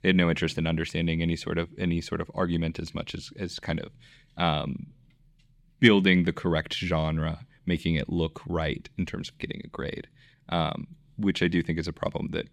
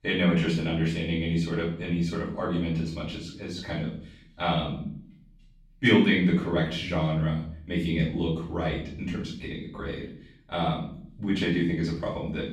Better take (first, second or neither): first